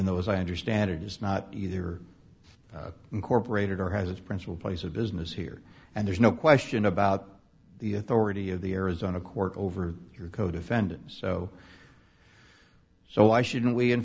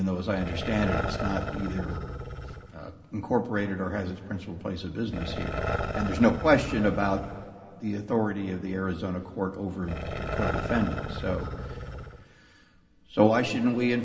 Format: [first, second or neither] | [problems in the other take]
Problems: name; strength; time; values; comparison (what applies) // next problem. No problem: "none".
first | background sound (Growling); 7 dB below the speech // room echo; dies away in 2.2 s